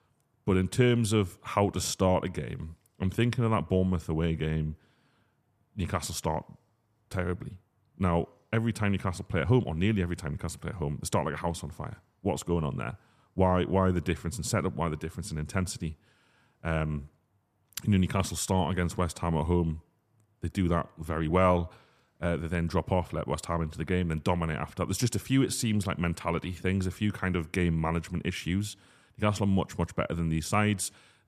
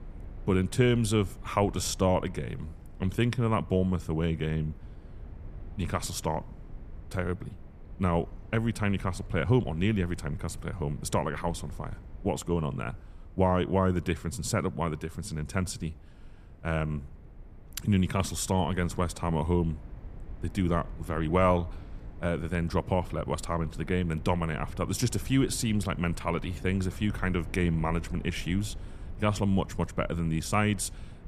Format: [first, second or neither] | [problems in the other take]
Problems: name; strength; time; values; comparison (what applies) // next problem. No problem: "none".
first | low rumble; faint; throughout; 25 dB below the speech